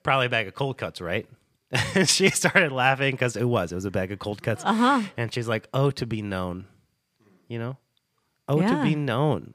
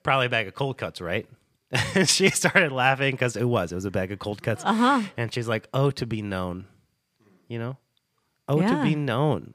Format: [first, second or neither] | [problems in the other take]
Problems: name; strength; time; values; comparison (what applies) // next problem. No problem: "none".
neither | none